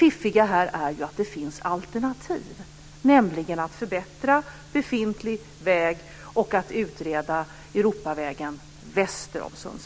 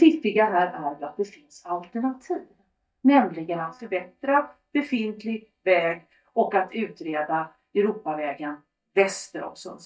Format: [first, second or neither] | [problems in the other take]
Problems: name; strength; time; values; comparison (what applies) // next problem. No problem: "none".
first | noise reduction (neural mask model DeepFilterNet 3)